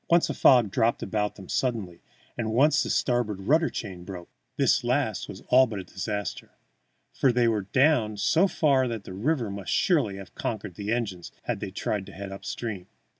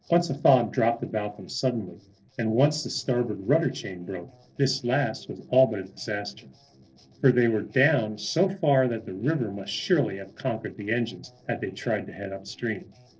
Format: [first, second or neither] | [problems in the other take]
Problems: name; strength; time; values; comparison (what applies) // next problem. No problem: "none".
first | noise reduction (neural separator model SepFormer DNS4)